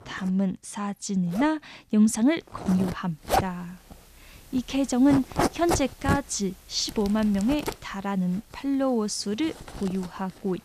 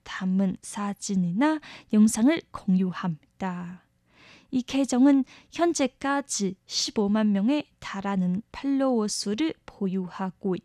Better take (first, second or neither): second